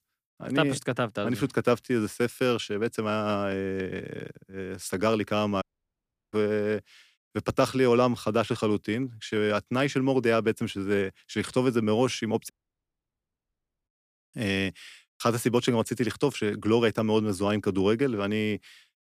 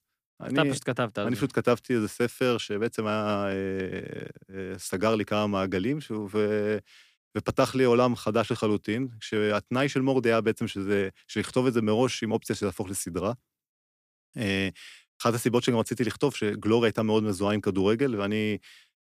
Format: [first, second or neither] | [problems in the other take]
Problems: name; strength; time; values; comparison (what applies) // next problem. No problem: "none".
second | audio cutting out; at 5.5 s for 0.5 s and at 13 s for 1.5 s